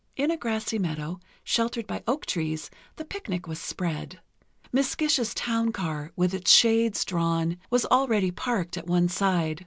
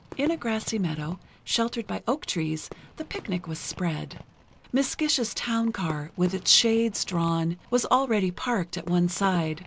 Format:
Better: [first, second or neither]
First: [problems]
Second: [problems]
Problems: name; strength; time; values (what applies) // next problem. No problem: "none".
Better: first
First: none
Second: background sound (Fireworks); 19 dB below the speech